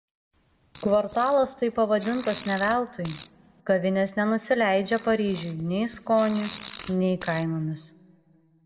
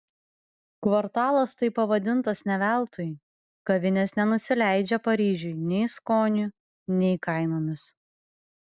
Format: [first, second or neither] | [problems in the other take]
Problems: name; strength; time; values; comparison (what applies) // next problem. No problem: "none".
second | background sound (Fart); 19 dB below the speech // room echo; dies away in 0.7 s